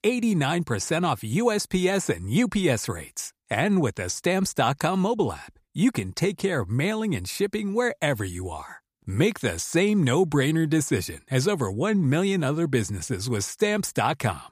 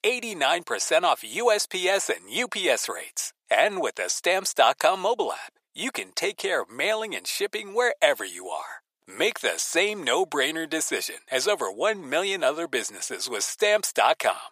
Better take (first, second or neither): first